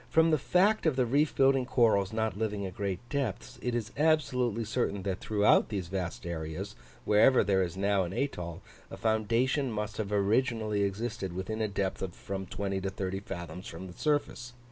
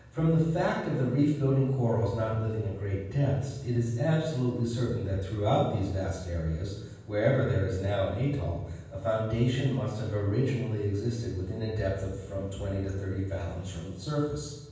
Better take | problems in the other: first | room echo; dies away in 1.2 s

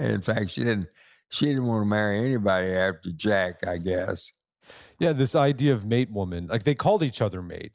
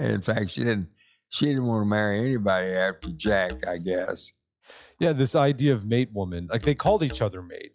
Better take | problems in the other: first | noise reduction (classical method log-MMSE)

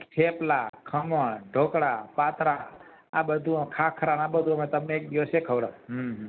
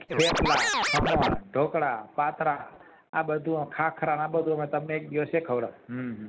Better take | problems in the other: first | background sound (Scratching (performance technique)); 3 dB above the speech

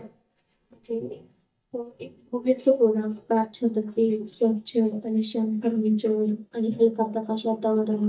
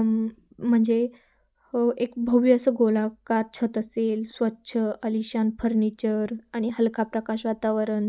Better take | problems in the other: second | noise reduction (neural mask model DeepFilterNet 3)

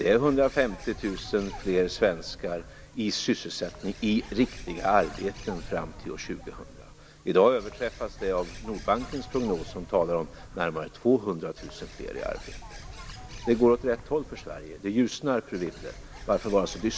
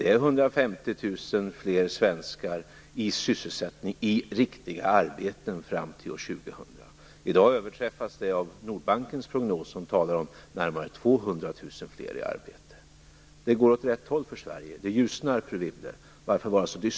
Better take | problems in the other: second | background sound (Bird); 15 dB below the speech

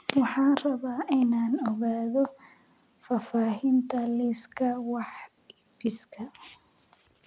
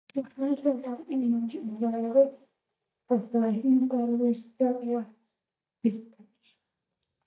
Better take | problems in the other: first | noise reduction (neural mask model DeepFilterNet 3)

